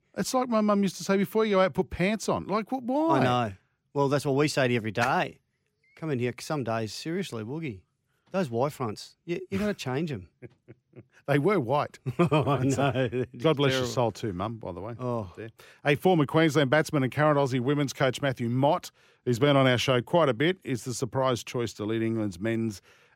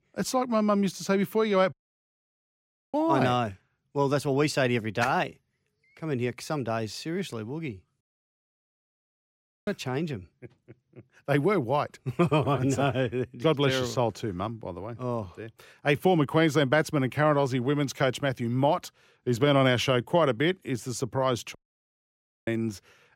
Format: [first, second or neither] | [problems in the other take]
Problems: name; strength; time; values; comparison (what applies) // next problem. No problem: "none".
first | audio cutting out; at 1.5 s for 1 s, at 8 s for 1.5 s and at 22 s for 1 s